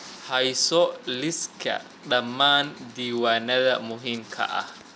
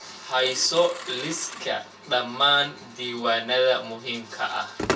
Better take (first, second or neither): first